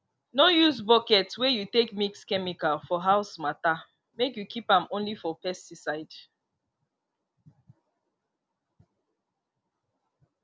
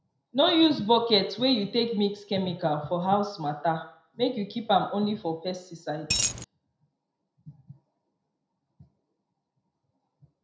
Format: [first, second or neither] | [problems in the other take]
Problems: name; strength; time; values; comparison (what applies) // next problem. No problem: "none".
first | background sound (Coin (dropping)); 2 dB above the speech // room echo; dies away in 0.5 s